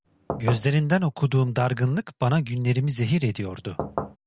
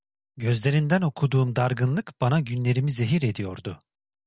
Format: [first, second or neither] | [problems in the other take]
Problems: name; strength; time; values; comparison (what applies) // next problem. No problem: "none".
second | background sound (Knock / Wood); 8 dB below the speech